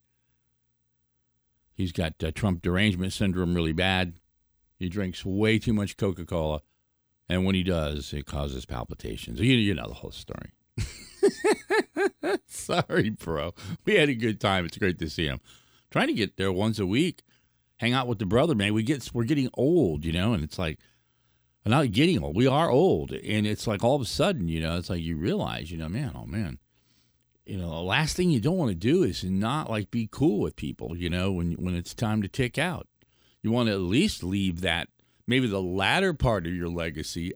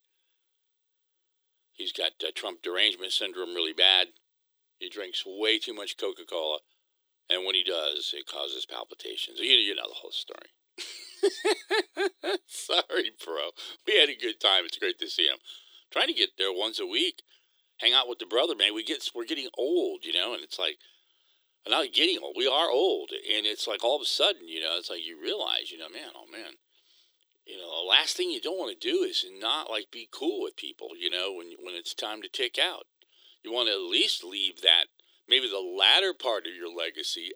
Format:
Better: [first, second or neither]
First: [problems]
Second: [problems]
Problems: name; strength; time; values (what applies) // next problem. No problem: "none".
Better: first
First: none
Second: thin; very; fading below 350 Hz